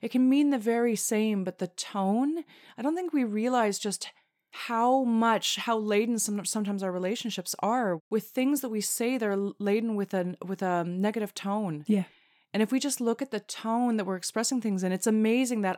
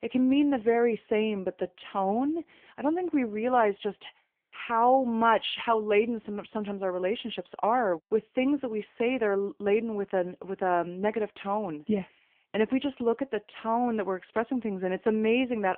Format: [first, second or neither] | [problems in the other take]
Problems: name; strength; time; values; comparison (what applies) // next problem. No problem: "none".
first | phone-call audio; poor line; nothing above 3.5 kHz